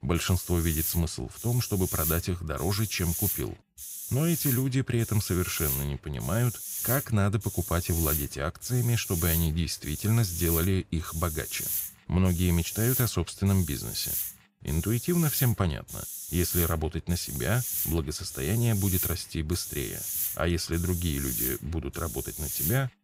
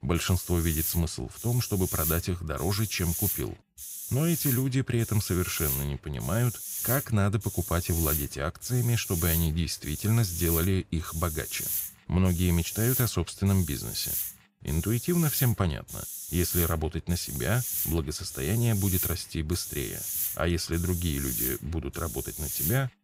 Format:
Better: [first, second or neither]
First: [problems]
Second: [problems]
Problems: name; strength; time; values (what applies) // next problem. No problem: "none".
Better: neither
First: hiss; loud; throughout; 3 dB below the speech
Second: hiss; loud; throughout; 3 dB below the speech